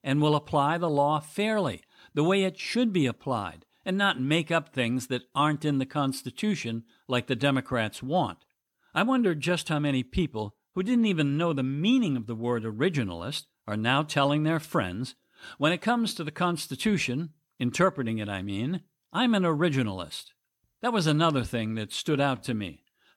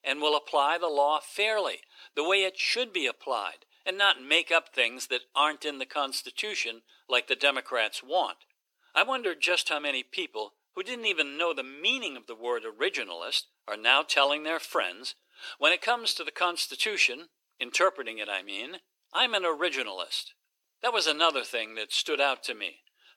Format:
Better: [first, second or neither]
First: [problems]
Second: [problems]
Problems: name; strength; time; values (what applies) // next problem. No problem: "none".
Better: first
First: none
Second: thin; very; fading below 400 Hz